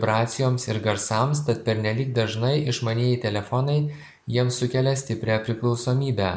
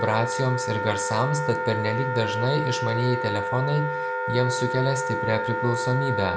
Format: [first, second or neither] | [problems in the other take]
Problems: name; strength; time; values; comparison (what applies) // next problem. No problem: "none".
first | background sound (Wind instrument, woodwind instrument); 2 dB below the speech